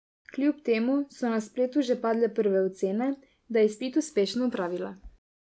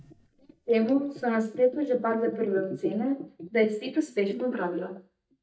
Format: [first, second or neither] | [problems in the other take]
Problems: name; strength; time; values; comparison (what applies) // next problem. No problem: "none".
first | noise reduction (neural mask model DeepFilterNet 3)